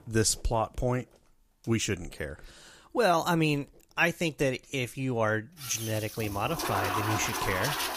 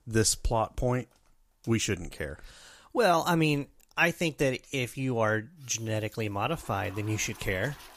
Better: second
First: household noises; loud; throughout; 3 dB below the speech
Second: household noises; faint; throughout; 20 dB below the speech

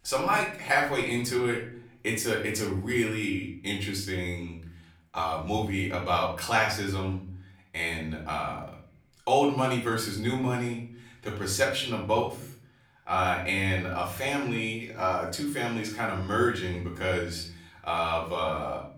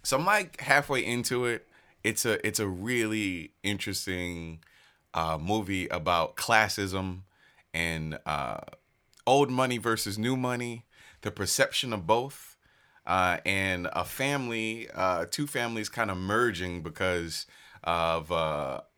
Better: second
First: room echo; slight; dies away in 0.5 s // off-mic speech; far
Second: none

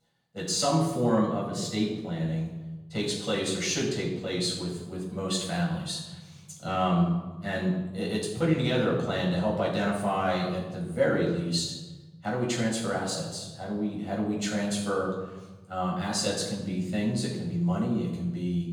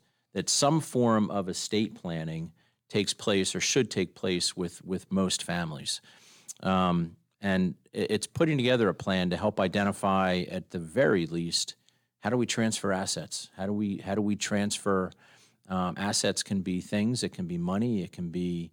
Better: second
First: off-mic speech; far // room echo; noticeable; dies away in 1.1 s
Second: none

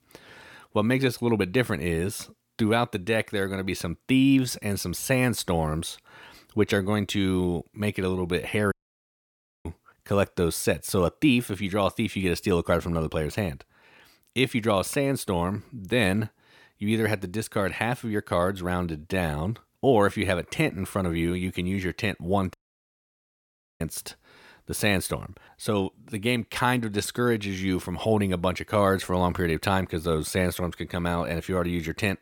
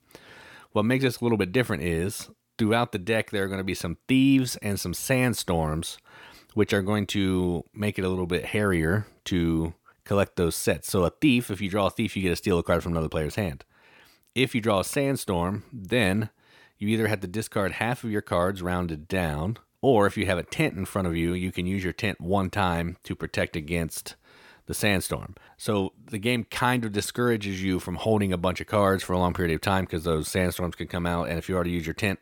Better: second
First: audio cutting out; at 8.5 s for 1 s and at 23 s for 1.5 s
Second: none

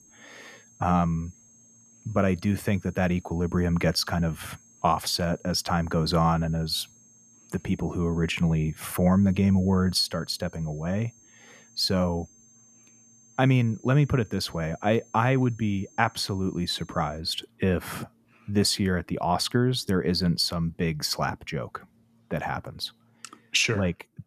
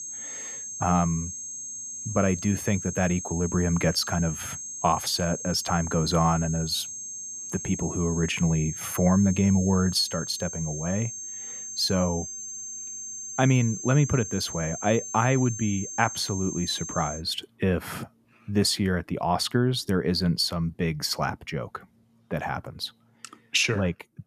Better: first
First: high-pitched whine; faint; until 17 s; 6.5 kHz, 30 dB below the speech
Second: high-pitched whine; loud; until 17 s; 6.5 kHz, 8 dB below the speech

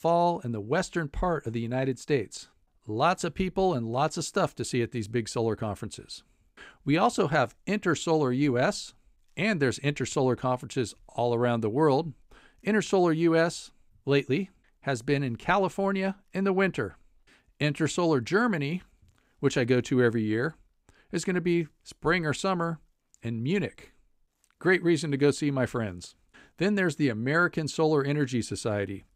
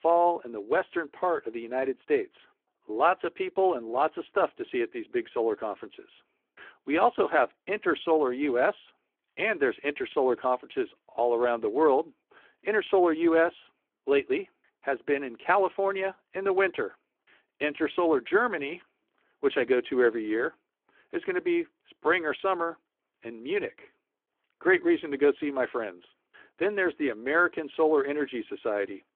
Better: first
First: none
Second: phone-call audio

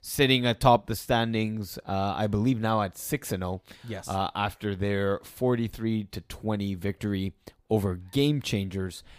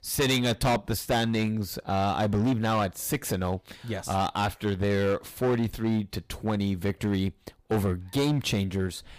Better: first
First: none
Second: distortion; heavy; 10% of the sound clipped

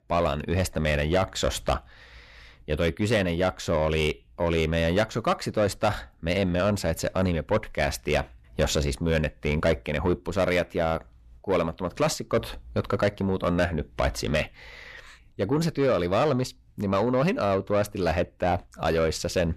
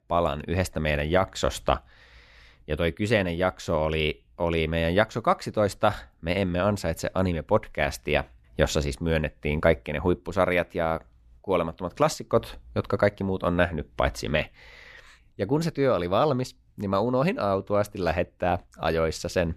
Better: second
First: distortion; slight; 10 dB below the speech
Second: none

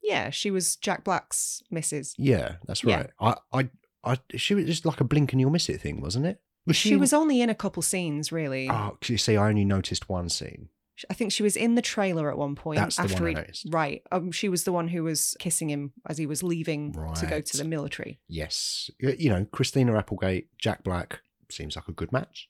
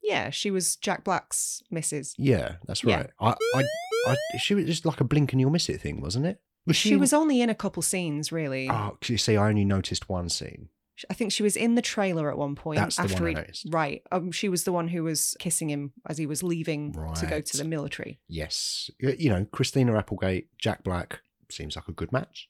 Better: first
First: none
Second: siren; noticeable; from 3.5 to 4.5 s; peak level with the speech

